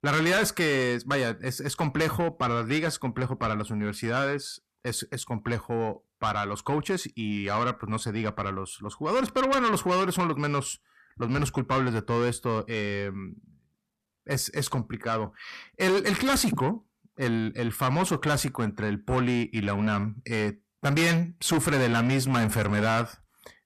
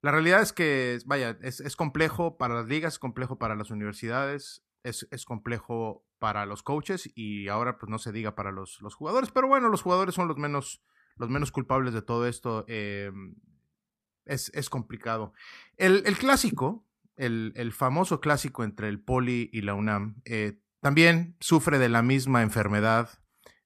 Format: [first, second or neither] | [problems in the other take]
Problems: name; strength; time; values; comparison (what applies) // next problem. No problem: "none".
second | distortion; heavy; 6 dB below the speech